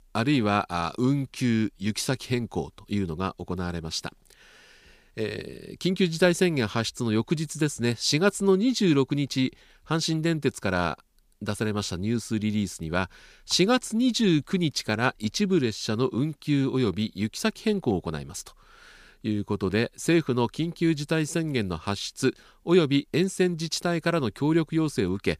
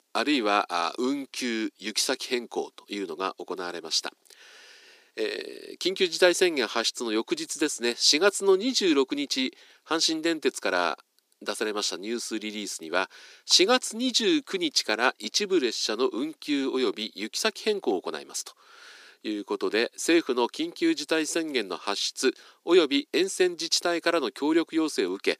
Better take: first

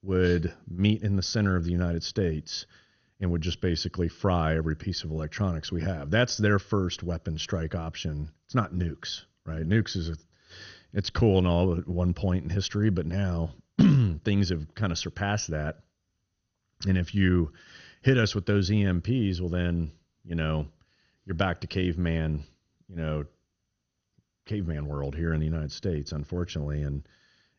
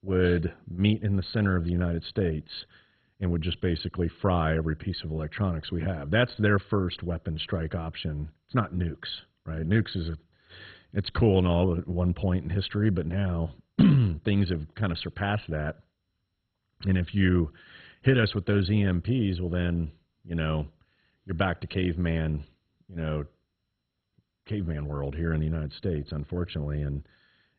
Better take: first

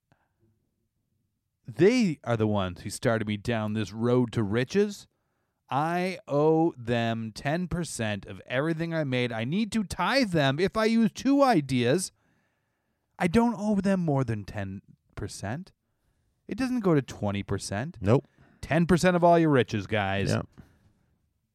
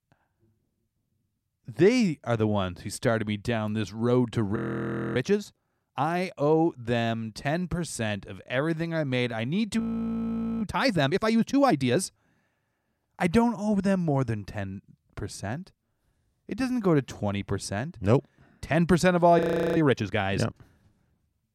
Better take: first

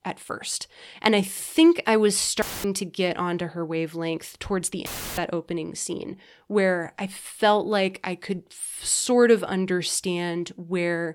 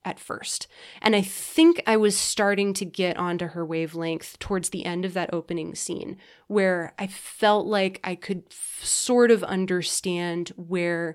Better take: second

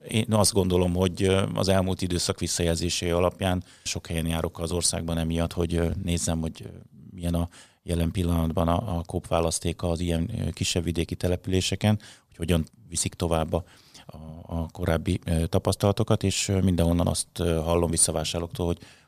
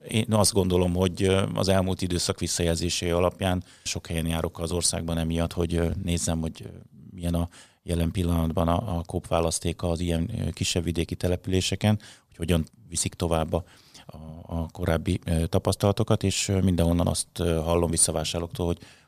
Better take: neither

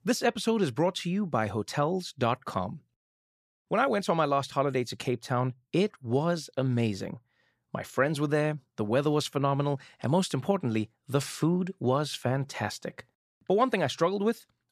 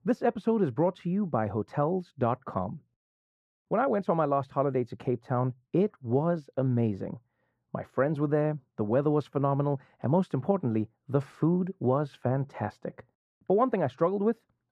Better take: first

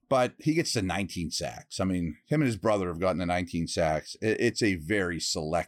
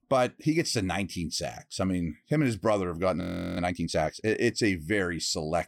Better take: first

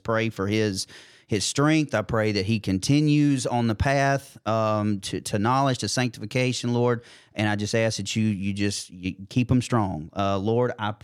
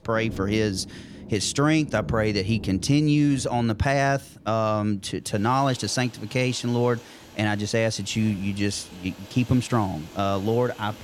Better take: first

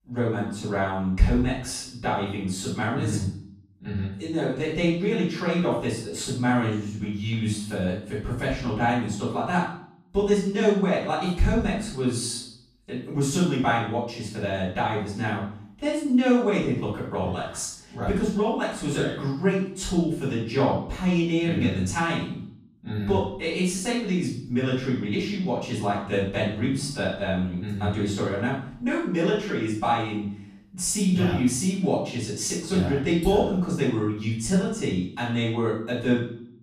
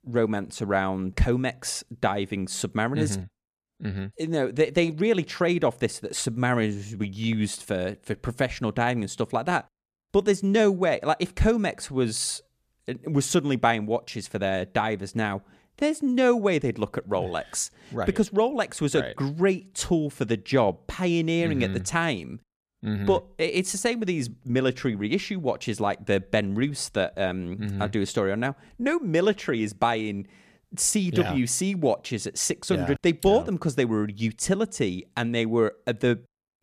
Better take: second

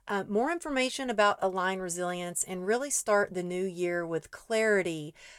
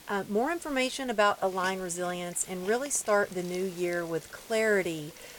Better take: first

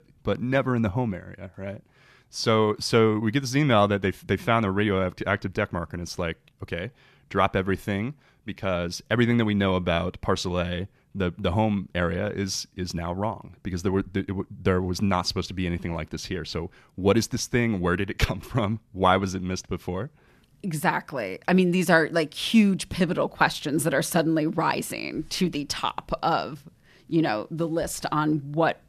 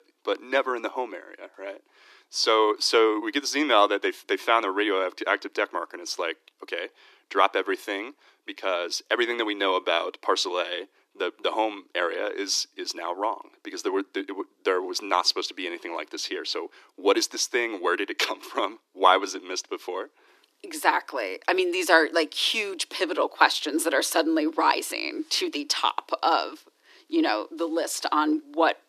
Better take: first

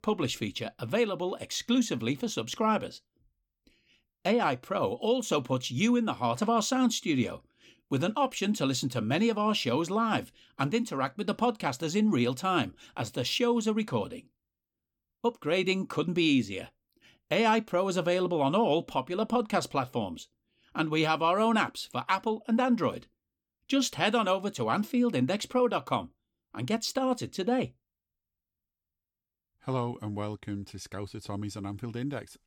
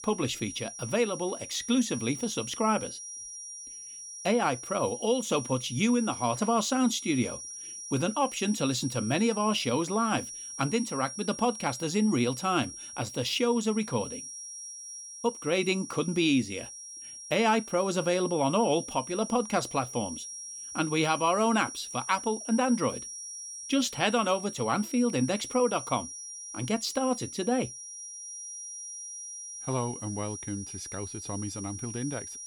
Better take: first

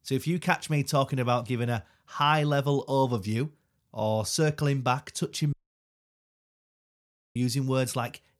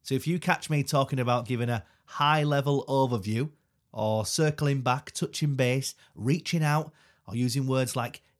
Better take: second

